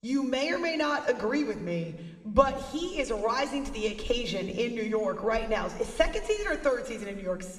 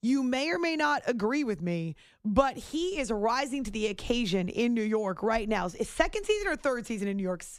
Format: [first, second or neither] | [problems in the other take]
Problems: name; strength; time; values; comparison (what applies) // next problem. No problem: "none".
second | room echo; slight; dies away in 1.7 s // off-mic speech; somewhat distant